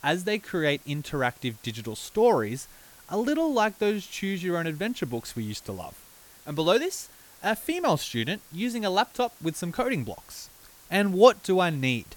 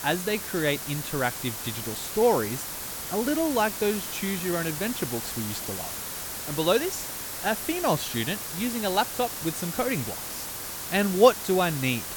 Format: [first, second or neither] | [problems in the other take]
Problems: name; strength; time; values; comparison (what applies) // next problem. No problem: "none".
first | hiss; loud; throughout; 5 dB below the speech; faint in the first